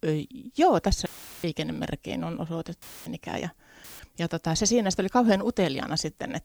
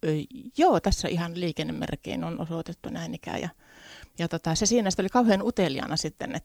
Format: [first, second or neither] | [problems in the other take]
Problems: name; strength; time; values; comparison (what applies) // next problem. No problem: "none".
second | audio cutting out; filled with static; at 1 s, at 3 s and at 4 s